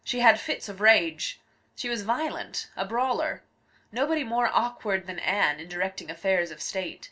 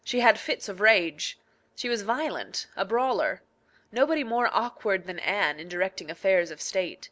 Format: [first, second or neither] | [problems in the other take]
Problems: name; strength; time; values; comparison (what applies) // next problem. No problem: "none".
second | room echo; dies away in 0.2 s